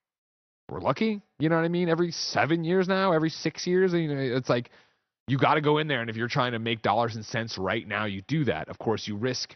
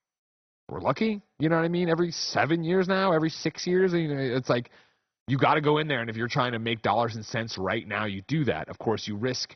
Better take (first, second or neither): first